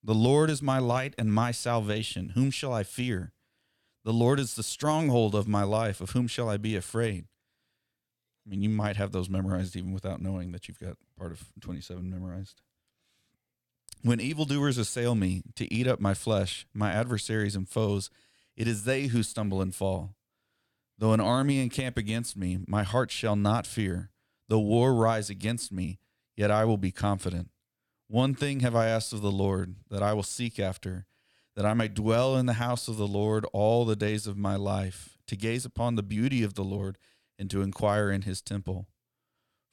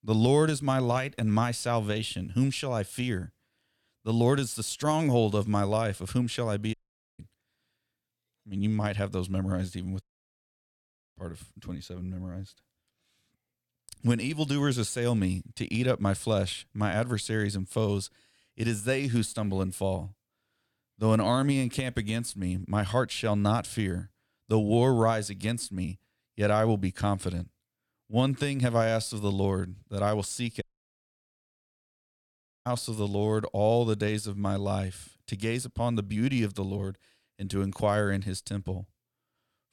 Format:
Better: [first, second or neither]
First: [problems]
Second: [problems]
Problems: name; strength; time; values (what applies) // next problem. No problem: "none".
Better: first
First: none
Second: audio cutting out; at 6.5 s, at 10 s for 1 s and at 31 s for 2 s